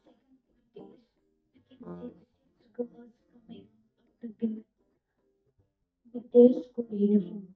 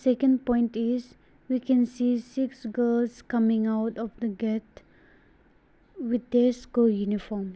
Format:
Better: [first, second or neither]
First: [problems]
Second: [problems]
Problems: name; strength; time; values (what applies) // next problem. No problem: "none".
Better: second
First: noise reduction (neural mask model DeepFilterNet 3)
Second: none